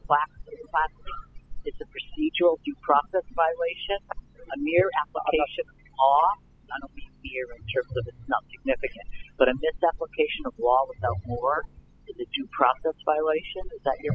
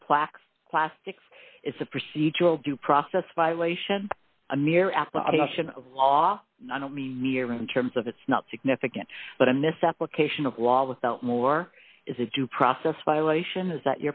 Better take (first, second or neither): second